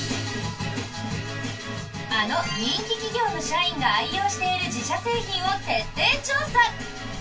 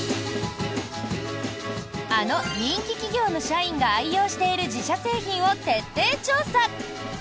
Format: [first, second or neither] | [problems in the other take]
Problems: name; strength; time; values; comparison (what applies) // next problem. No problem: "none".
second | room echo; dies away in 0.2 s